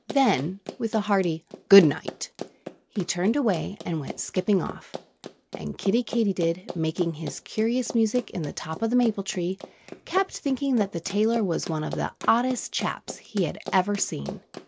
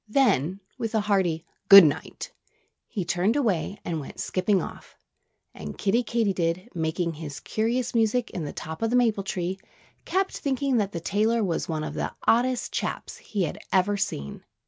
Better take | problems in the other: second | background sound (Run); 15 dB below the speech

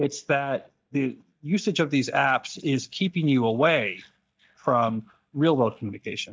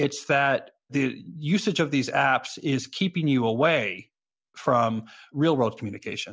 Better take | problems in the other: second | noise reduction (neural mask model DeepFilterNet 3)

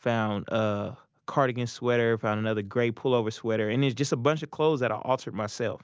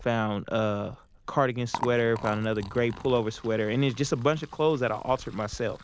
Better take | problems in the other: first | background sound (Liquid); 16 dB below the speech

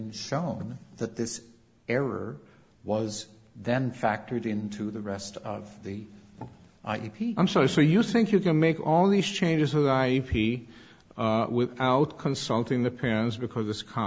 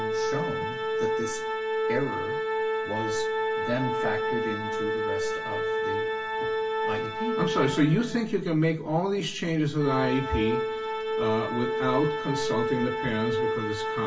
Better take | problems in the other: first | background sound (Organ); 1 dB above the speech // room echo; dies away in 0.2 s

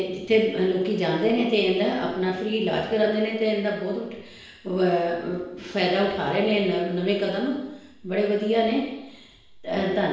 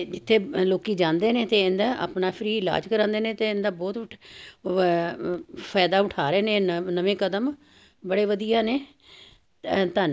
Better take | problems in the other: second | room echo; dies away in 1 s

